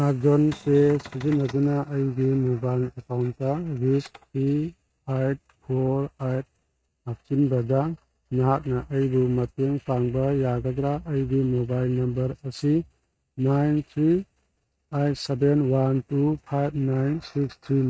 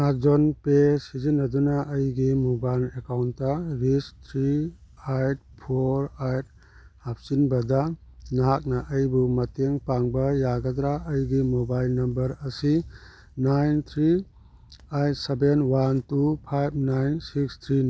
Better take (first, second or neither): second